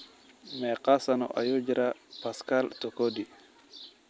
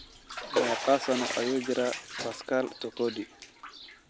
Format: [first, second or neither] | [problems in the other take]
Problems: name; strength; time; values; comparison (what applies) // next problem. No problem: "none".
first | background sound (Bathtub (filling or washing)); 5 dB below the speech